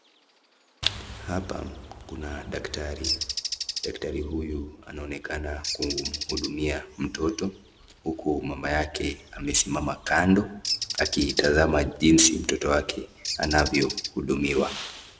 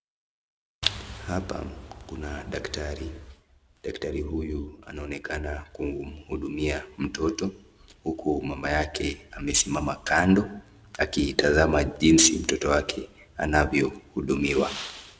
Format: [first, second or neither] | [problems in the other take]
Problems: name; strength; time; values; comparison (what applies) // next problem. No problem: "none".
second | background sound (Bird); 10 dB below the speech